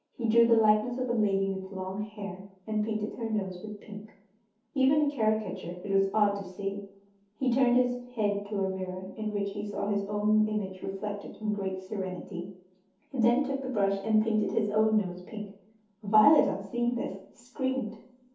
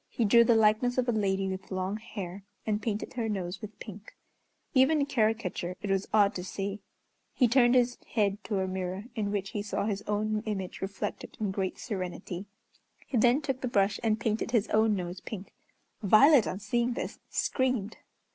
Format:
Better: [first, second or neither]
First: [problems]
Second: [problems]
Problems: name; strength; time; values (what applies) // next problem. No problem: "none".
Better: second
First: room echo; dies away in 0.6 s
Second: none